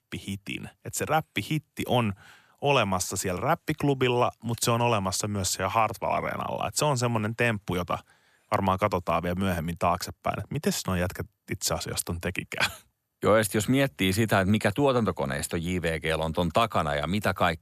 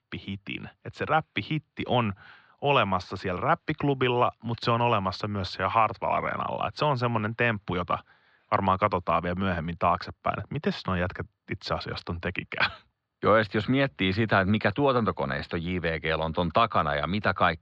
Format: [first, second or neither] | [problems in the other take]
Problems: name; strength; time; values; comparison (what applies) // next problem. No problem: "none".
first | muffled; slightly; fading above 4 kHz